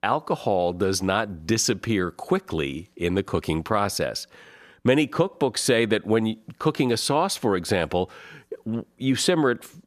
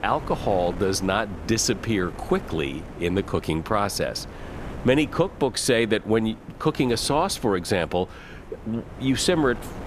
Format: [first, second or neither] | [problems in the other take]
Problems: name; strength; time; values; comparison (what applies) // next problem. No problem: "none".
first | wind noise on the microphone; occasional gusts; 15 dB below the speech